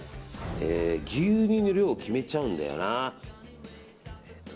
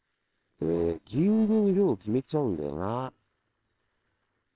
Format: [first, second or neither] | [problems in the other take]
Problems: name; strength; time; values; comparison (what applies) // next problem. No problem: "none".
first | noise reduction (neural separator model SepFormer WHAMR!)